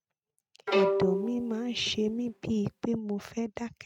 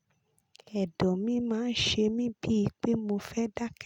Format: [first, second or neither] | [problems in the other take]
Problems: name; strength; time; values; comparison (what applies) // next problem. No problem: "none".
second | noise reduction (neural mask model RNNoise)